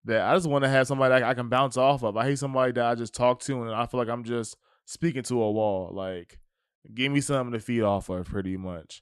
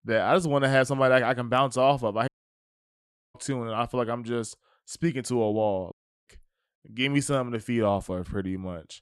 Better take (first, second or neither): first